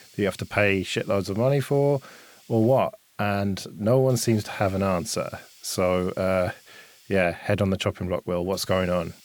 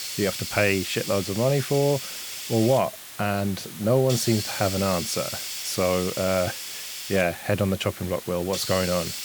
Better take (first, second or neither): first